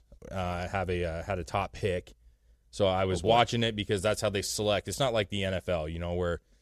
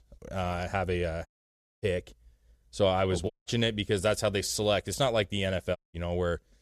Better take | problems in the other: first | audio cutting out; at 1.5 s for 0.5 s, at 3.5 s and at 6 s

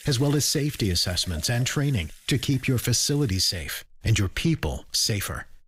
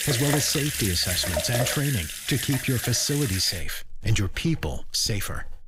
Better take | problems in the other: first | household noises; loud; throughout; 3 dB below the speech; faint in the first

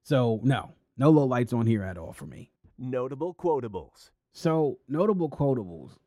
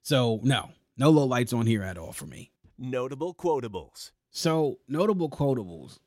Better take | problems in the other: second | muffled; slightly; fading above 2 kHz

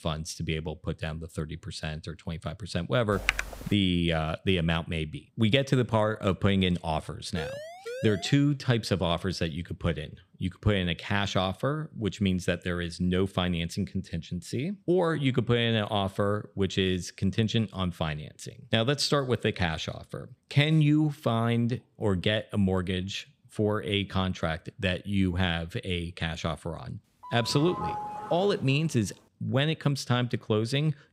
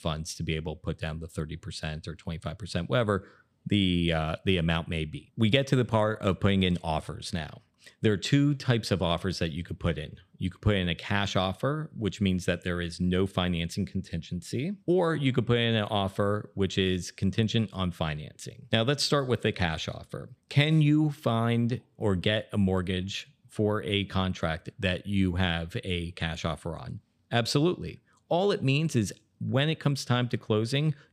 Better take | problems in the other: second | keyboard typing; noticeable; at 3 s; peak level with the speech // siren; noticeable; at 7.5 s; peak 10 dB below the speech // doorbell; noticeable; from 27 to 29 s; peak 6 dB below the speech

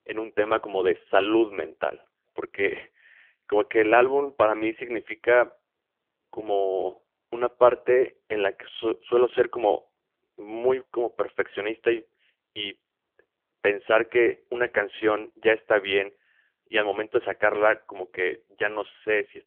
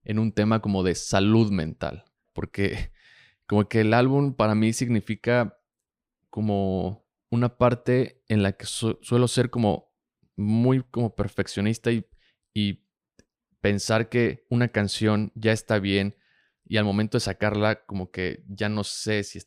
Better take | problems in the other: second | phone-call audio; poor line; nothing above 3.5 kHz

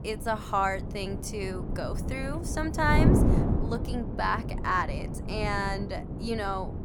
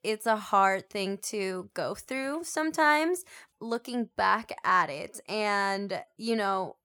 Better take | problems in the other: second | wind noise on the microphone; heavy; 8 dB below the speech

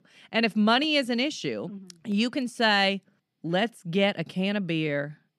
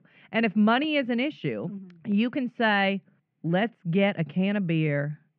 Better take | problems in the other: first | muffled; very; fading above 2.5 kHz

